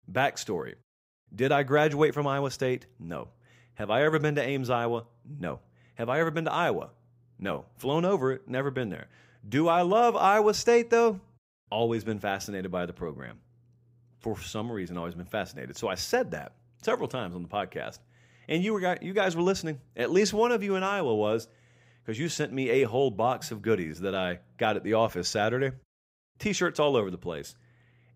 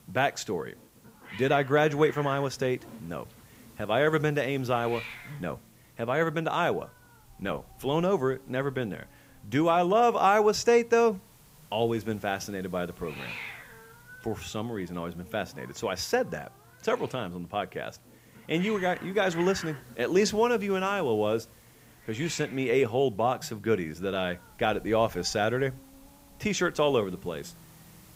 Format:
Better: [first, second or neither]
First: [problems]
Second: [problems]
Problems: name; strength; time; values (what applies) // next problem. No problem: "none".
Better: first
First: none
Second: hiss; noticeable; throughout; 20 dB below the speech